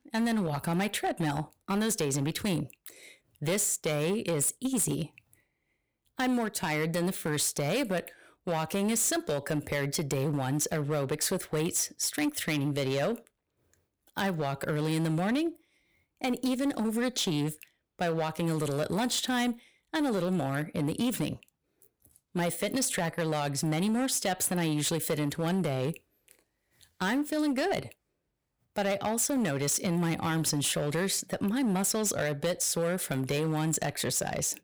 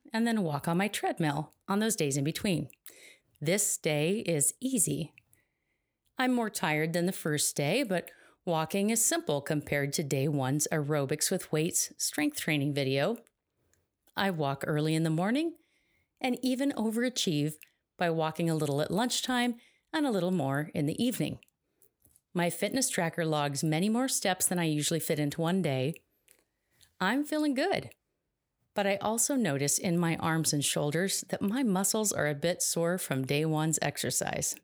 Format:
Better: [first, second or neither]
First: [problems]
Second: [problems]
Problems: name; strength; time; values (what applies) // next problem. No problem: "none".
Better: second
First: distortion; slight; 10% of the sound clipped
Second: none